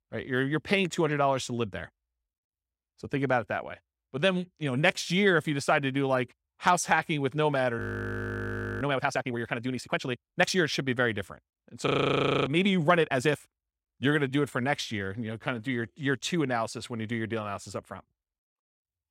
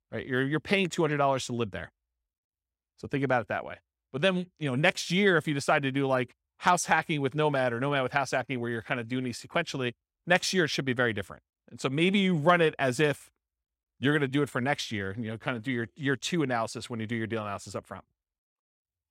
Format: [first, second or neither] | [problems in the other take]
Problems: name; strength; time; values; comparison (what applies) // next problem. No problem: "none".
second | audio freezing; at 8 s for 1 s and at 12 s for 0.5 s